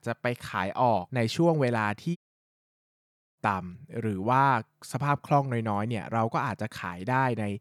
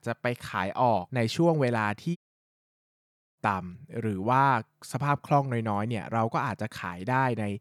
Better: neither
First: audio cutting out; at 2 s for 1 s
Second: audio cutting out; at 2 s for 1 s

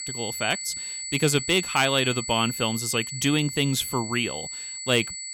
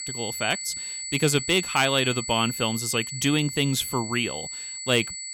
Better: neither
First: high-pitched whine; loud; throughout; 8 kHz, 7 dB below the speech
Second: high-pitched whine; loud; throughout; 8 kHz, 7 dB below the speech

